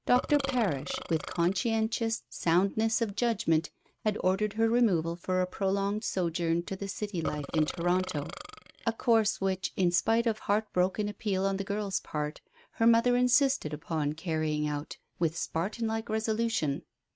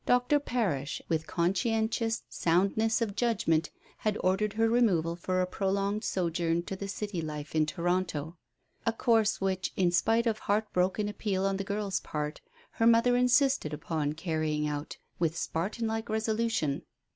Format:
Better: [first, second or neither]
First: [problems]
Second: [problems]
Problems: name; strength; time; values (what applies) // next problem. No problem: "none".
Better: second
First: noise reduction (neural mask model RNNoise)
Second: none